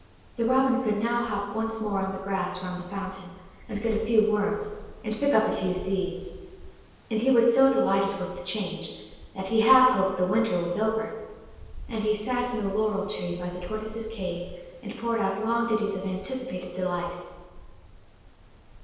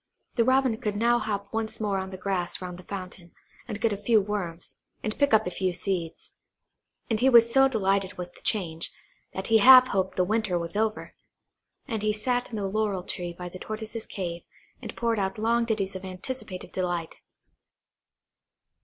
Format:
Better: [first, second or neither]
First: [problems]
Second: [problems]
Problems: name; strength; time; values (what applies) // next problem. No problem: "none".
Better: second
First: background sound (Wind); 19 dB below the speech // room echo; dies away in 1.2 s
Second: none